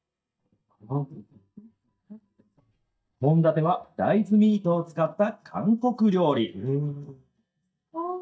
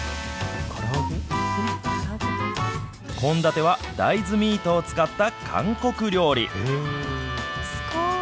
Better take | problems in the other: second | noise reduction (neural mask model DeepFilterNet 3)

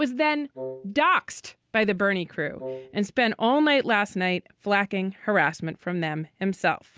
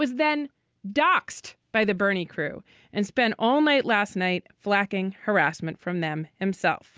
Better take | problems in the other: second | background sound (Wind instrument, woodwind instrument); 13 dB below the speech

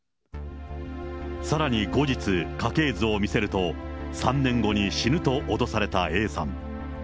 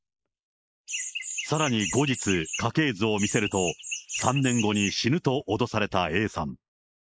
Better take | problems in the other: first | noise reduction (neural mask model Resemble Enhance denoiser)

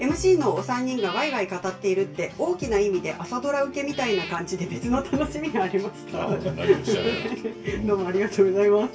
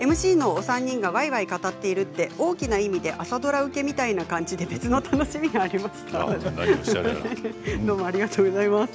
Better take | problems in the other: second | background sound (Meow / Purr); 19 dB below the speech // room echo; dies away in 0.2 s

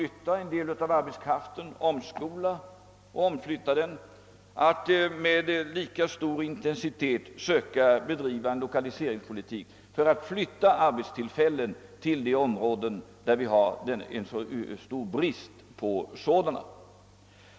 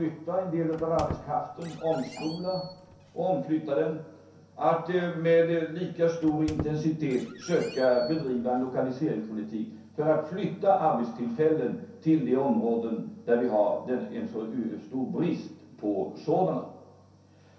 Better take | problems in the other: first | background sound (Squeak); 15 dB below the speech // room echo; dies away in 0.6 s

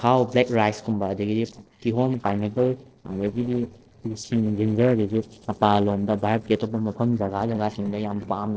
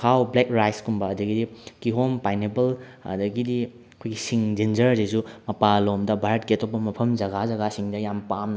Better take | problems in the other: second | noise reduction (neural separator model SepFormer DNS4)

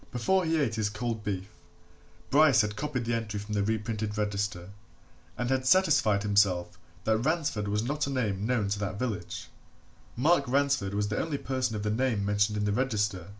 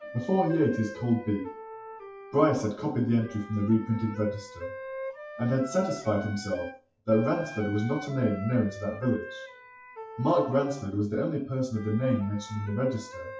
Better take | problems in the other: first | noise reduction (classical method WPE with log-MMSE)

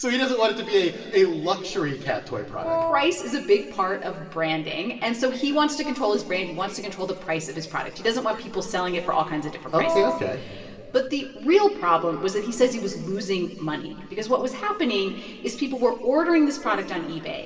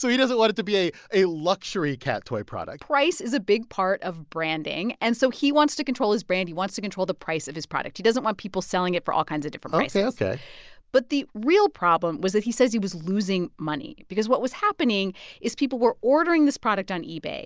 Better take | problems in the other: second | background sound (Wind instrument, woodwind instrument); 2 dB below the speech // room echo; dies away in 2.8 s

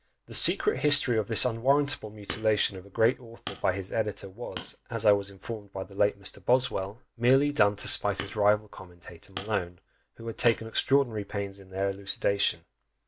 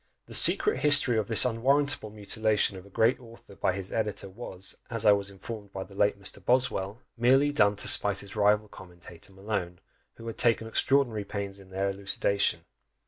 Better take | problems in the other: second | background sound (Hammer); 16 dB below the speech

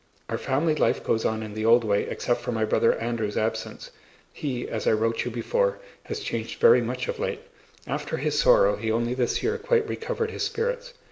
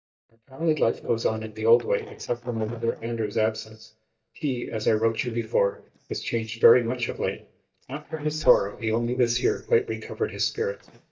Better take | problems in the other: first | noise reduction (neural mask model DeepFilterNet 3)

